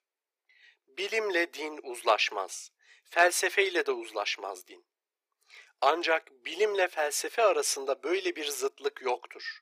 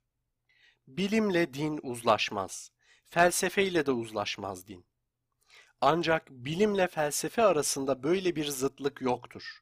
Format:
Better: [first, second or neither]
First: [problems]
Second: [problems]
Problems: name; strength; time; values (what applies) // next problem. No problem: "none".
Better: second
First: thin; very; fading below 350 Hz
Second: none